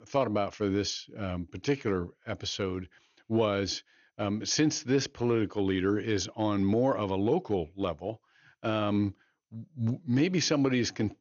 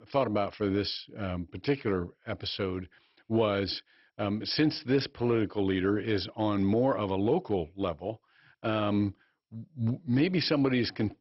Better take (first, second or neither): first